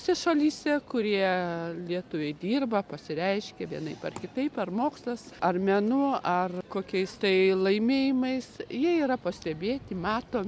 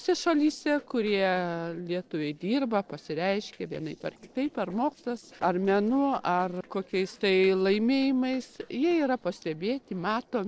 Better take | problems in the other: first | noise reduction (neural separator model SepFormer DNS4)

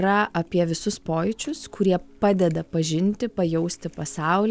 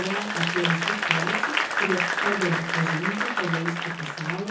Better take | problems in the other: first | background sound (Applause / Crowd); 3 dB above the speech // room echo; dies away in 0.5 s

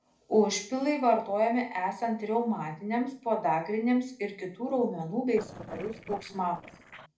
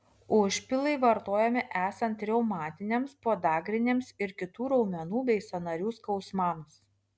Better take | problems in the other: second | noise reduction (neural separator model SepFormer DNS4)

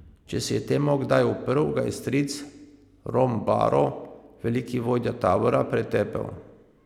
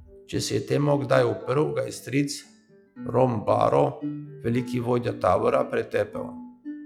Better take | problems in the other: first | noise reduction (classical method log-MMSE)

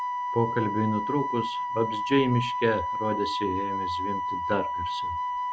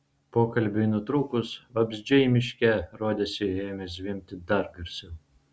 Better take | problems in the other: second | background sound (Wind instrument, woodwind instrument); 1 dB below the speech

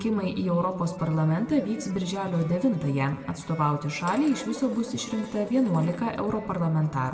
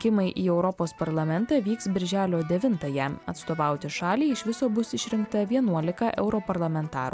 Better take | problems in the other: second | background sound (Dishes, pots, and pans); 19 dB below the speech // room echo; dies away in 1.6 s

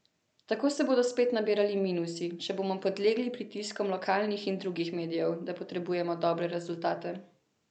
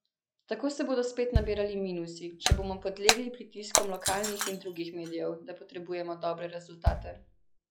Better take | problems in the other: first | noise reduction (classical method log-MMSE)

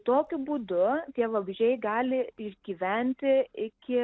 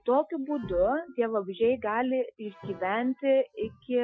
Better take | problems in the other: first | noise reduction (classical method Wiener filter)

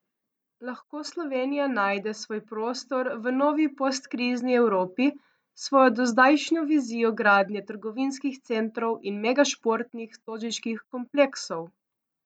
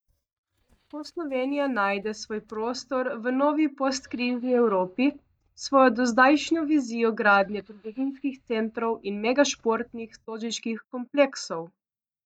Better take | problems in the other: first | noise reduction (neural mask model DeepFilterNet 3)

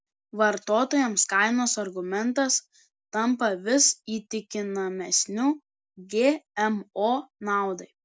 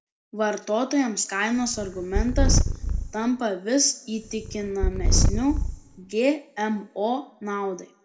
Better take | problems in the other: first | background sound (Purr); 2 dB above the speech // room echo; dies away in 1.2 s

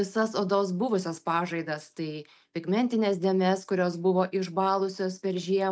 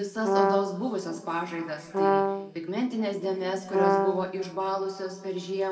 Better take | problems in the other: first | background sound (Brass instrument); 5 dB above the speech // room echo; dies away in 2 s

